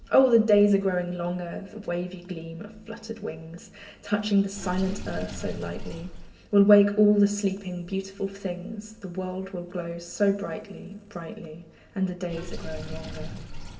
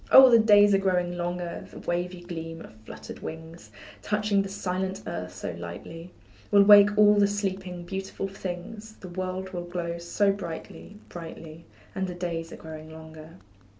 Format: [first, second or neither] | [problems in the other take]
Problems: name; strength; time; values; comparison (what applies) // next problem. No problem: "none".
second | background sound (Sink (filling or washing) / Water); 14 dB below the speech // room echo; dies away in 2.1 s